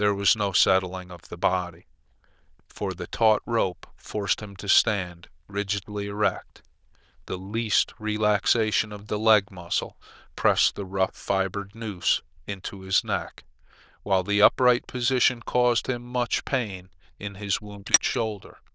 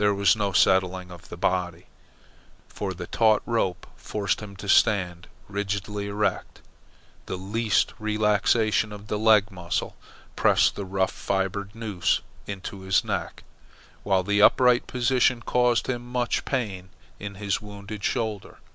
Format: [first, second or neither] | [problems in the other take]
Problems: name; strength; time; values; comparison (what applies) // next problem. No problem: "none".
second | noise reduction (neural diffusion model UNIVERSE++)